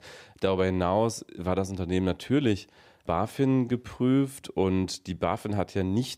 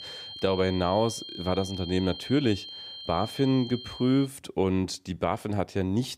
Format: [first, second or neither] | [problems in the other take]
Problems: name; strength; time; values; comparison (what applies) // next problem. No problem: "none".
first | high-pitched whine; noticeable; until 4.5 s; 3 kHz, 10 dB below the speech